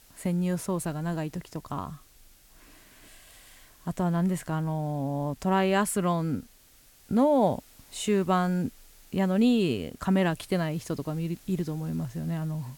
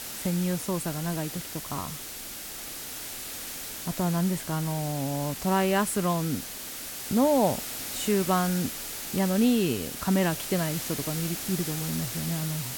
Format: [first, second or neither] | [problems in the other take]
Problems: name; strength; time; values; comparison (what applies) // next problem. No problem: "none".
first | hiss; loud; throughout; 6 dB below the speech; faint in the first